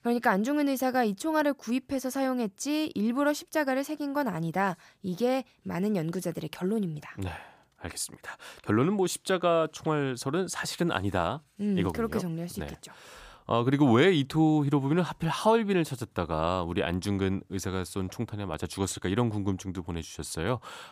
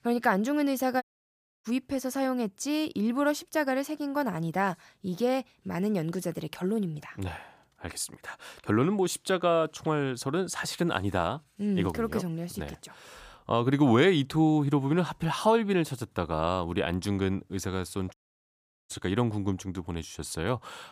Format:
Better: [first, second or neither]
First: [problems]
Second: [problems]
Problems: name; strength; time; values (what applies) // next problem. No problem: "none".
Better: first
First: none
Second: audio cutting out; at 1 s for 0.5 s and at 18 s for 1 s